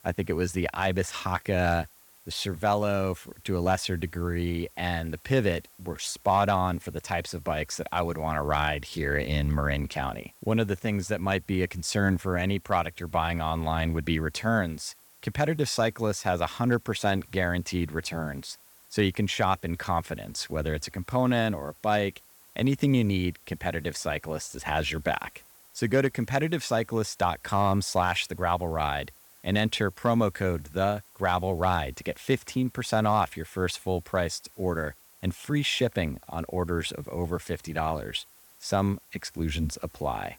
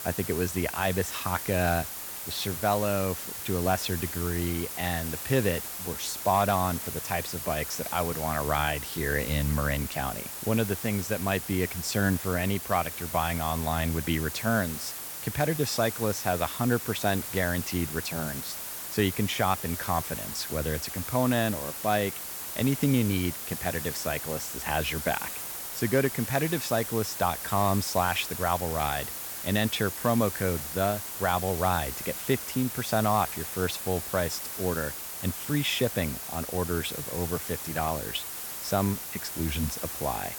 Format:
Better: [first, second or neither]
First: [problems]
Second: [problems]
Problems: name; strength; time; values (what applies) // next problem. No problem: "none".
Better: first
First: hiss; faint; throughout; 25 dB below the speech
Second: hiss; loud; throughout; 5 dB below the speech